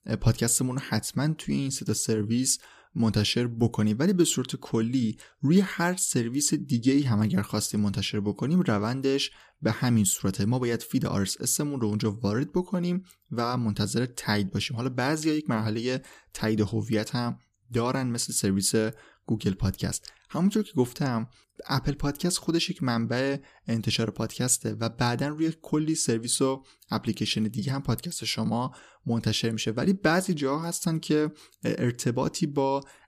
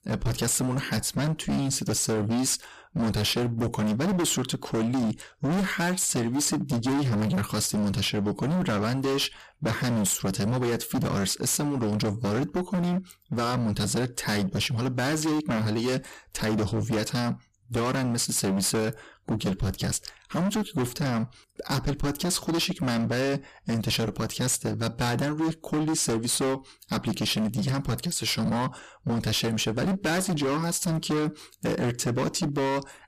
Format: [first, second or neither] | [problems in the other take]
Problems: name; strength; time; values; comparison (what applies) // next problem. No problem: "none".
first | distortion; heavy; 28% of the sound clipped